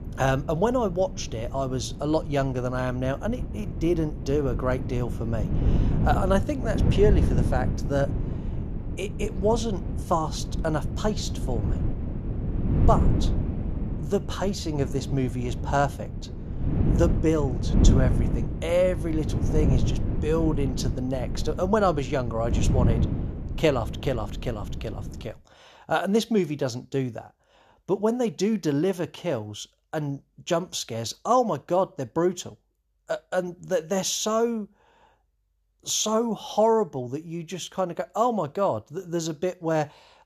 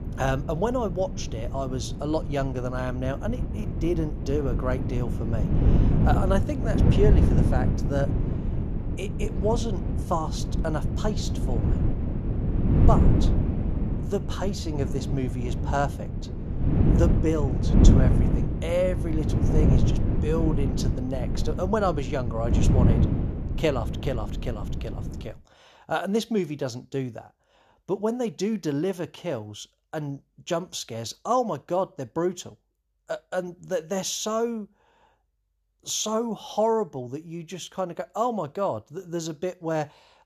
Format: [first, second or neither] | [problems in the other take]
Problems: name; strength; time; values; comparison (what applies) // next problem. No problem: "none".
first | wind noise on the microphone; heavy; until 25 s; 5 dB below the speech; occasional gusts in the first